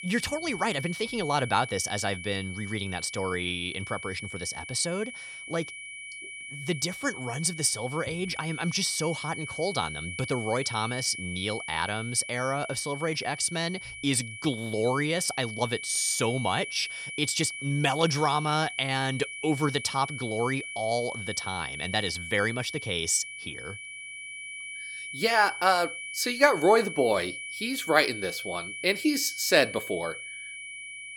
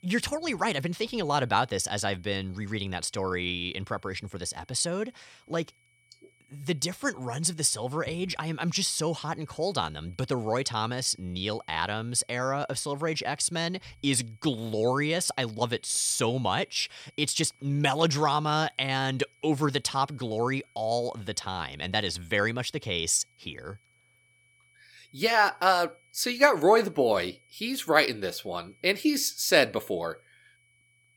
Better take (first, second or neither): second